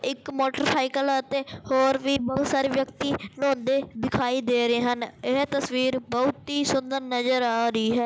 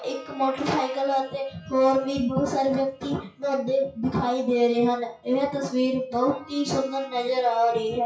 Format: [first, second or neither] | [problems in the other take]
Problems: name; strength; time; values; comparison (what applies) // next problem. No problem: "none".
first | noise reduction (classical method WPE with log-MMSE)